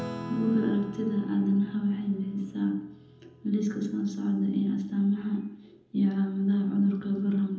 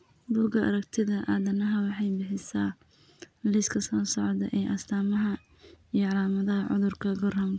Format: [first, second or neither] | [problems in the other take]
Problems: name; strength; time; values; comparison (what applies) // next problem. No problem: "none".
second | background sound (Acoustic guitar / Strum); 16 dB below the speech // room echo; dies away in 0.8 s